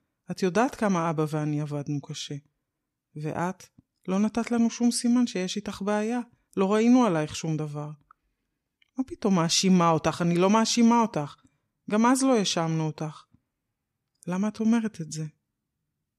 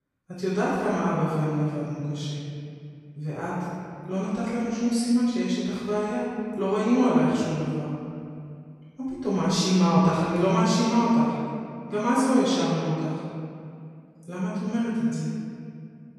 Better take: first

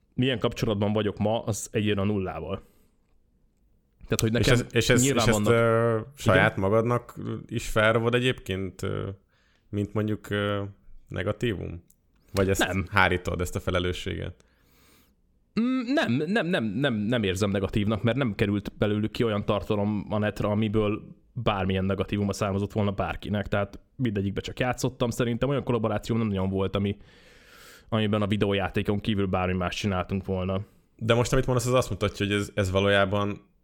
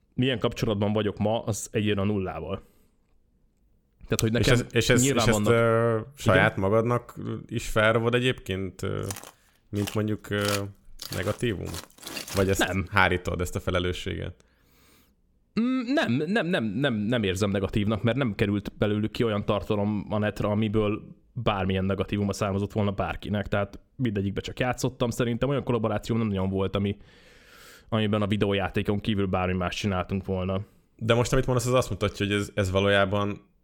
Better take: first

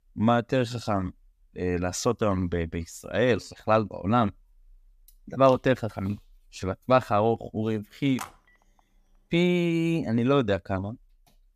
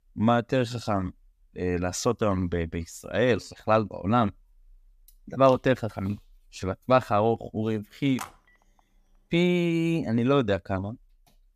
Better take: neither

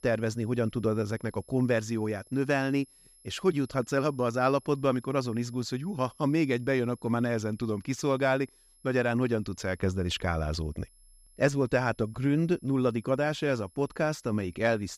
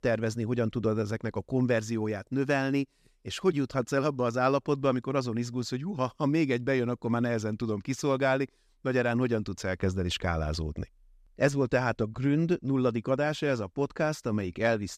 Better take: second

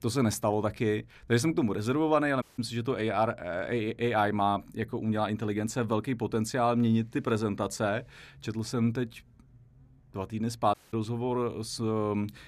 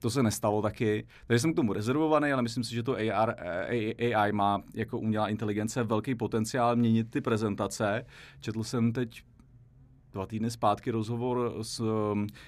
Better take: second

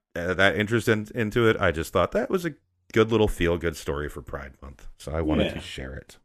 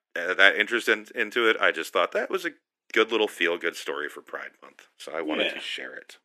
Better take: first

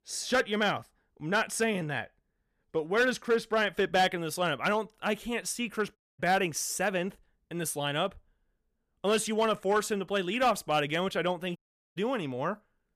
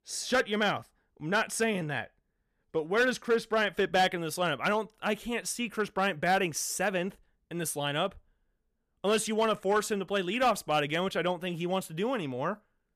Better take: second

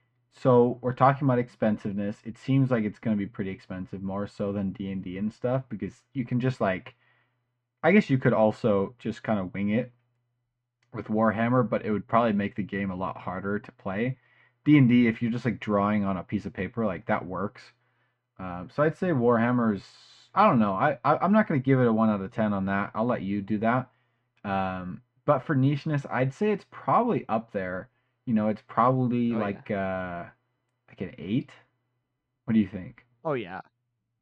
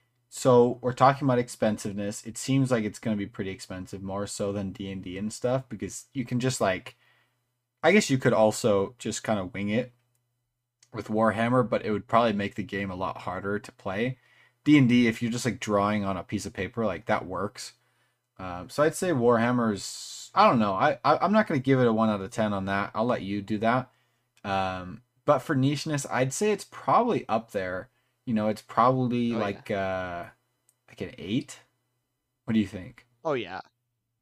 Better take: second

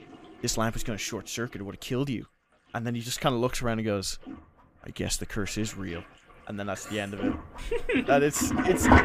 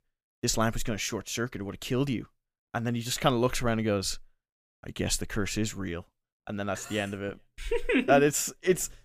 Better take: second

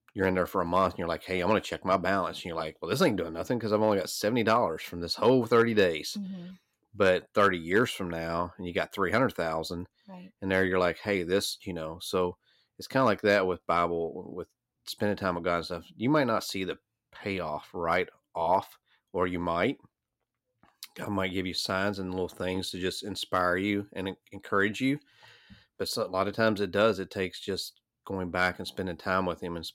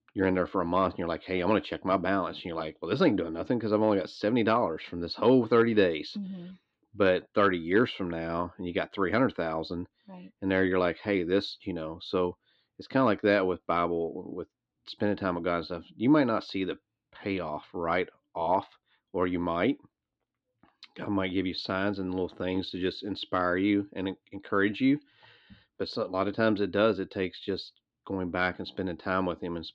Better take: first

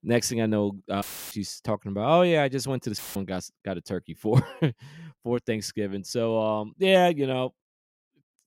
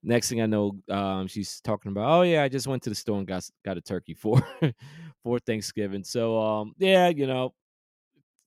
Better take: second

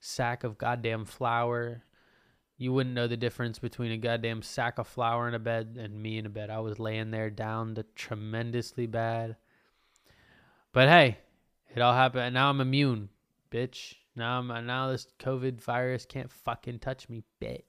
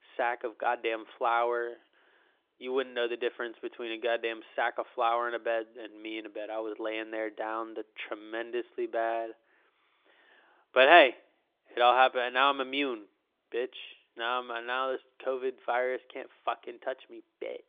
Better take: first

